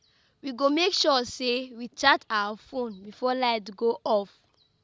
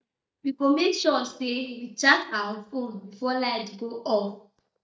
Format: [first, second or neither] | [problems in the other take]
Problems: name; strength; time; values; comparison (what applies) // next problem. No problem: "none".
first | noise reduction (neural mask model DeepFilterNet 3)